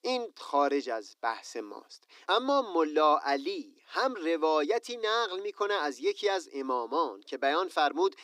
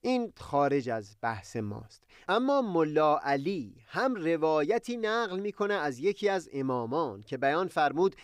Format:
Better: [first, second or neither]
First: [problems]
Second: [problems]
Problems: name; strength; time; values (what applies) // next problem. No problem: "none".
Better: second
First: thin; very slightly; fading below 300 Hz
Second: none